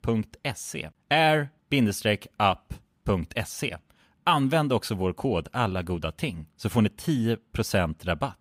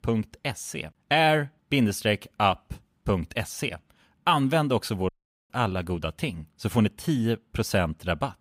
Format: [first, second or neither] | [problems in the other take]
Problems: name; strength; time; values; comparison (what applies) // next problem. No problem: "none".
first | audio cutting out; at 5 s